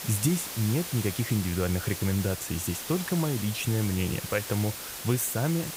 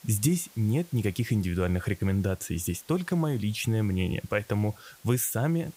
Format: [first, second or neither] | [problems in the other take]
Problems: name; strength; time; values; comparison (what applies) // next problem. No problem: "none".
second | hiss; loud; throughout; 6 dB below the speech; faint in the second